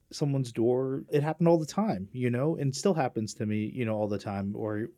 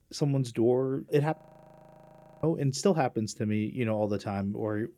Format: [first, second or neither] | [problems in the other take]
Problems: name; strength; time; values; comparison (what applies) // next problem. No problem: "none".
first | audio freezing; at 1.5 s for 1 s